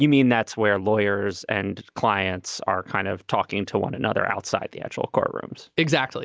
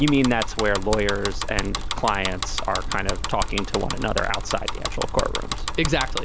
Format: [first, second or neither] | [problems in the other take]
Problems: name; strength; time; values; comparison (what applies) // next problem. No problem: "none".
first | background sound (Bicycle); 2 dB below the speech